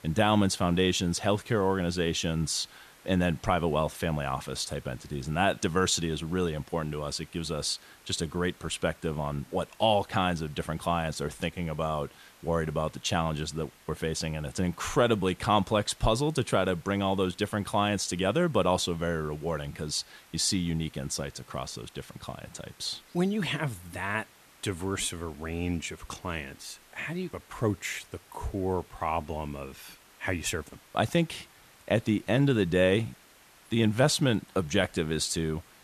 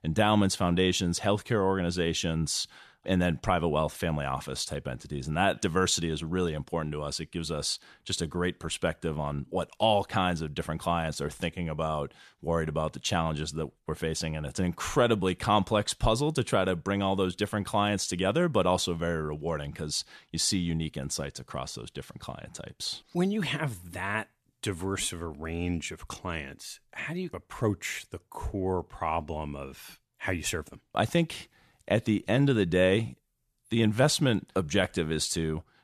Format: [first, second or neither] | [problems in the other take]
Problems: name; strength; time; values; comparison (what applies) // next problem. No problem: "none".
second | hiss; faint; throughout; 25 dB below the speech